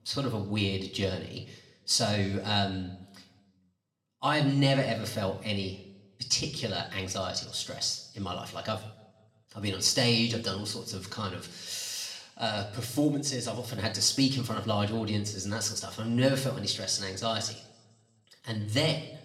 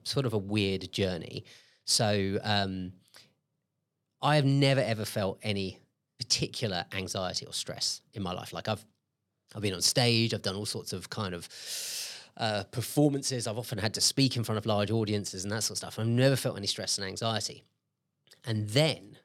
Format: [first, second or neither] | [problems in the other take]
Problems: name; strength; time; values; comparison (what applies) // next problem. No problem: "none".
second | room echo; very slight; dies away in 0.7 s // off-mic speech; somewhat distant